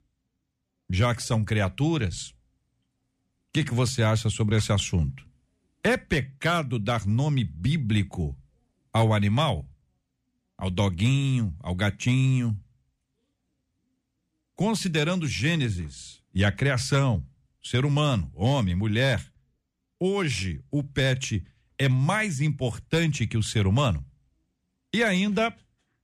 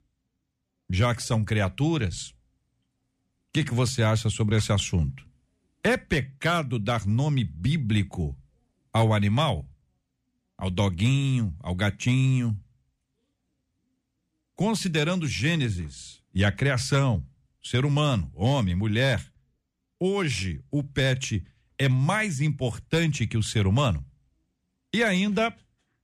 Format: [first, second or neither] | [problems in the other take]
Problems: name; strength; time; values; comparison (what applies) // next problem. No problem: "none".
neither | none